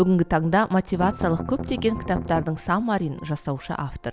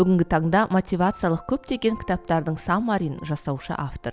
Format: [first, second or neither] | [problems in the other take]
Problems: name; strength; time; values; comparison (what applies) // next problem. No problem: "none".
second | background sound (Strum); 8 dB below the speech